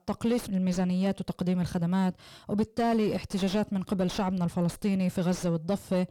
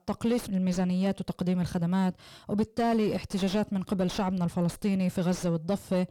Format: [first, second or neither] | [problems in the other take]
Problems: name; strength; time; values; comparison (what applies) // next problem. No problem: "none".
neither | distortion; slight; 9 dB below the speech; the same in both